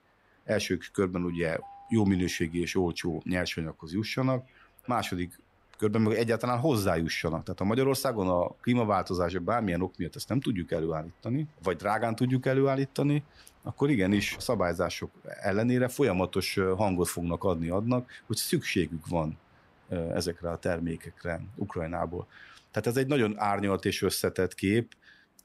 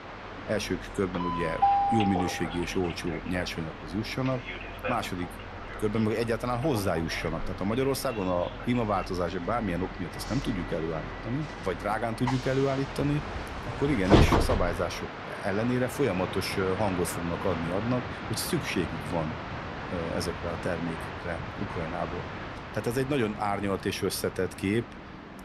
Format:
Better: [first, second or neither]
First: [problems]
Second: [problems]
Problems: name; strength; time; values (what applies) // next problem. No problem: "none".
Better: first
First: train or aircraft noise; faint; throughout; 30 dB below the speech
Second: train or aircraft noise; loud; throughout; 4 dB below the speech